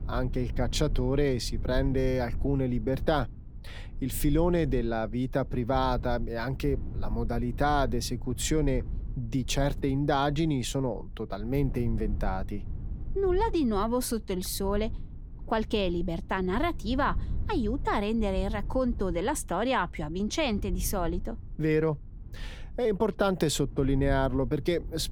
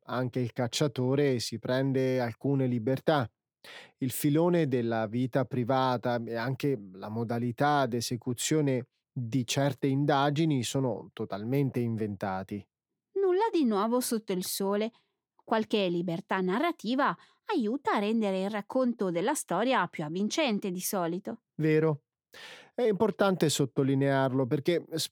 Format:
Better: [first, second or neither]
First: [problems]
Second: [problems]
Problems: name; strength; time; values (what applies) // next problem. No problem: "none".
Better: second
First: low rumble; faint; throughout; 25 dB below the speech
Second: none